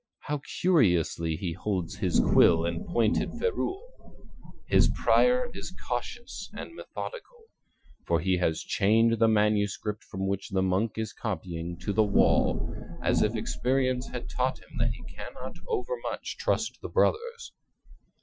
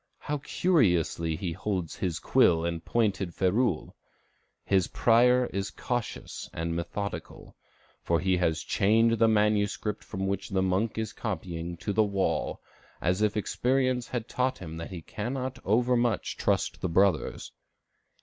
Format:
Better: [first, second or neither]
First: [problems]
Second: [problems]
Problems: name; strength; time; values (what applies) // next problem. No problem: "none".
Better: second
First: noise reduction (classical method Wiener filter)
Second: none